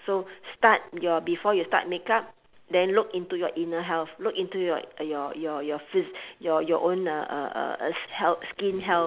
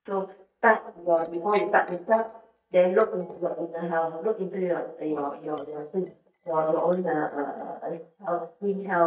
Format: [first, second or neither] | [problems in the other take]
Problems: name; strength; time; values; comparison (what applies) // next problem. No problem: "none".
first | noise reduction (neural mask model DeepFilterNet 3)